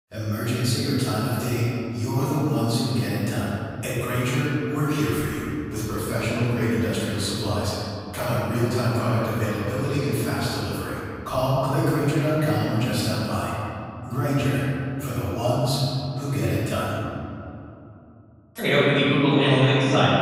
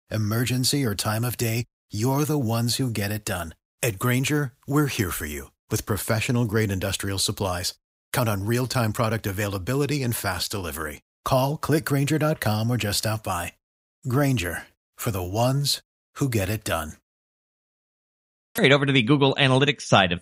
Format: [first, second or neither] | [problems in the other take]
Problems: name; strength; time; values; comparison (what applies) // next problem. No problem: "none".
second | off-mic speech; far // room echo; strong; dies away in 2.7 s